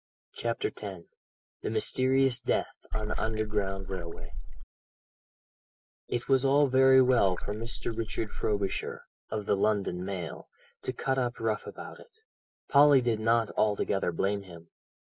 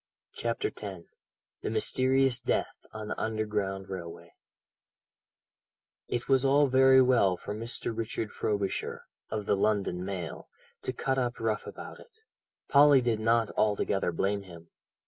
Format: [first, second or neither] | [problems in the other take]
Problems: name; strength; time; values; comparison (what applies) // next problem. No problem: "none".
second | noise reduction (neural mask model Resemble Enhance denoiser)